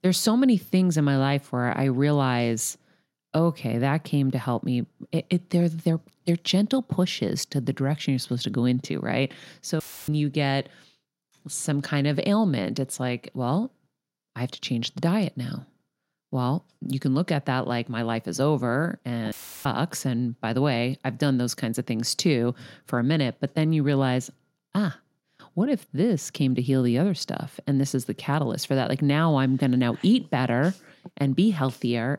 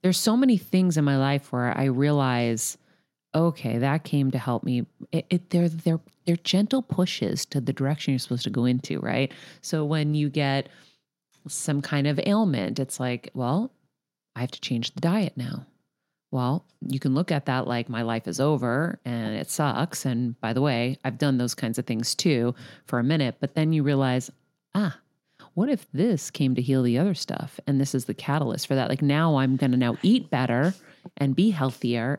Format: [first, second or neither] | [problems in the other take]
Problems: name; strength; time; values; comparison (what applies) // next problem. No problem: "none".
second | audio cutting out; filled with static; at 10 s and at 19 s